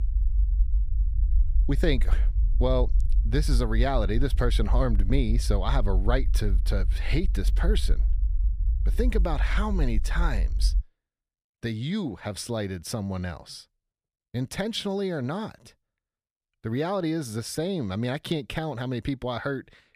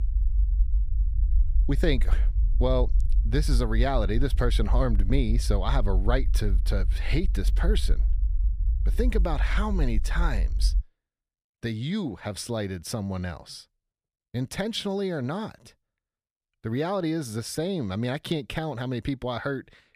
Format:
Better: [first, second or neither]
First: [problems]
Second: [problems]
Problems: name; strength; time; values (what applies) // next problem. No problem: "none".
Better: neither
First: low rumble; noticeable; until 11 s; 20 dB below the speech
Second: low rumble; noticeable; until 11 s; 20 dB below the speech